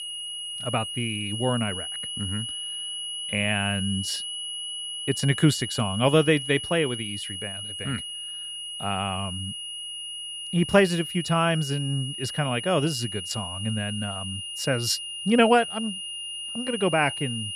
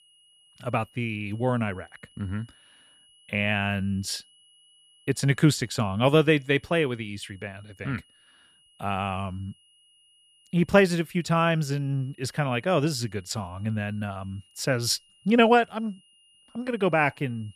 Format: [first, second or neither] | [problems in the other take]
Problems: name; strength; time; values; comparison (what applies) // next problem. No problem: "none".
second | high-pitched whine; loud; throughout; 3 kHz, 6 dB below the speech; faint in the second